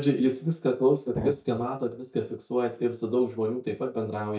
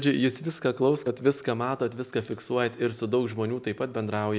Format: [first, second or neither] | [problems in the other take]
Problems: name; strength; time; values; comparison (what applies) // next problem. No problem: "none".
second | noise reduction (neural mask model DeepFilterNet 3)